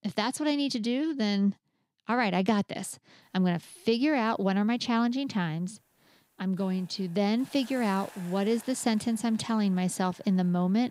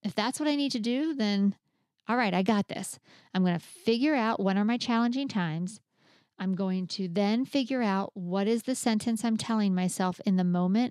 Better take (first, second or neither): second